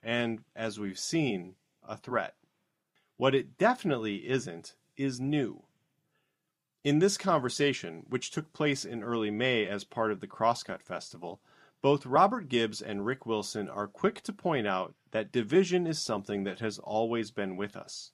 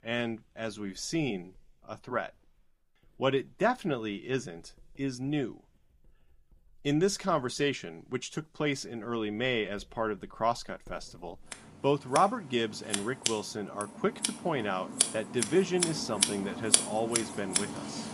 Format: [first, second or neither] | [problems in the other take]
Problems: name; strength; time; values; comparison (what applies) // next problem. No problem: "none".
first | household noises; very loud; throughout; 1 dB above the speech